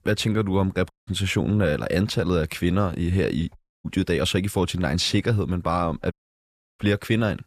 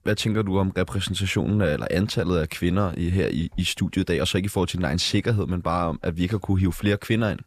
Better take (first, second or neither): second